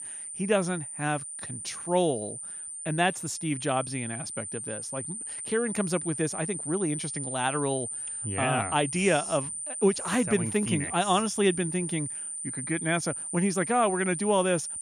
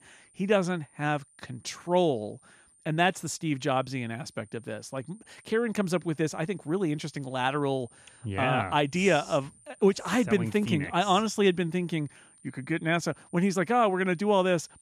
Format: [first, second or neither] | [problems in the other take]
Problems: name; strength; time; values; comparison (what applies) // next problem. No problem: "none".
second | high-pitched whine; loud; throughout; 9 kHz, 5 dB below the speech; faint in the second